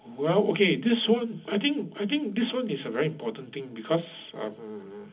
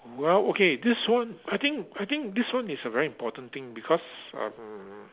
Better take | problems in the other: second | room echo; dies away in 0.4 s

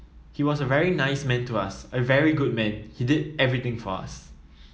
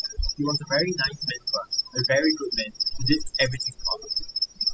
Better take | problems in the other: first | noise reduction (classical method spectral subtraction)

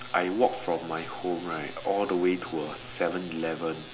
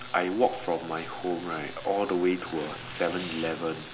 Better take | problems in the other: first | background sound (Tearing + Tools); 16 dB below the speech

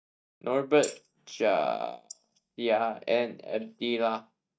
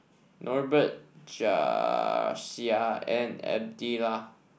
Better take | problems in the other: second | noise reduction (neural mask model DeepFilterNet 3)

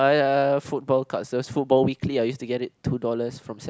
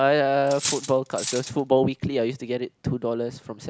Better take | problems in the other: first | background sound (Cutlery, silverware); 8 dB below the speech

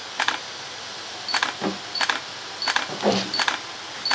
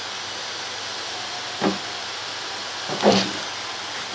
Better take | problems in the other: second | background sound (Camera); 2 dB above the speech

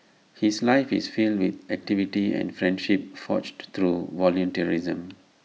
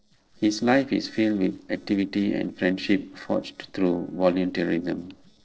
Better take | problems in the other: first | noise reduction (neural separator model SepFormer DNS4)

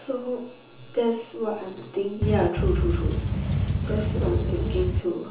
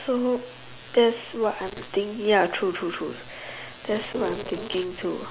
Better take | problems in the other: second | background sound (Boat, Water vehicle); 4 dB above the speech // room echo; dies away in 0.7 s

